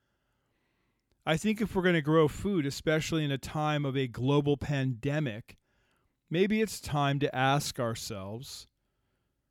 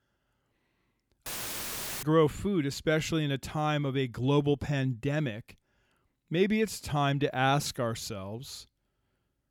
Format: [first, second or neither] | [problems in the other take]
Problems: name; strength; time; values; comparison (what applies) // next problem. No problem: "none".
first | audio cutting out; filled with static; at 1.5 s for 1 s